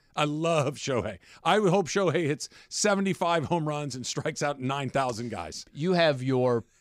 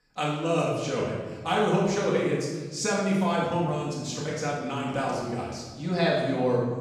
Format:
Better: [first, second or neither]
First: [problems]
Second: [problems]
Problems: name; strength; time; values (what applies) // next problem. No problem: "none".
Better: first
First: none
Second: off-mic speech; far // room echo; noticeable; dies away in 1.2 s